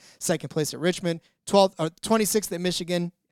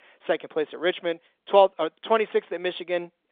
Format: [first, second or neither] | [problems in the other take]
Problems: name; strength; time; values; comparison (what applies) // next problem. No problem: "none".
first | phone-call audio